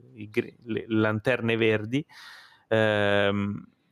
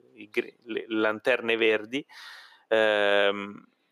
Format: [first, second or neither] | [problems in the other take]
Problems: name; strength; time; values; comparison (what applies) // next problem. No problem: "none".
first | thin; somewhat; fading below 400 Hz